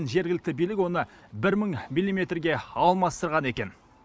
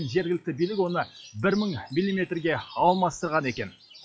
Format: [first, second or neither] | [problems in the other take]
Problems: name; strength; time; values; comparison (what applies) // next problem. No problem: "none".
first | noise reduction (classical method log-MMSE)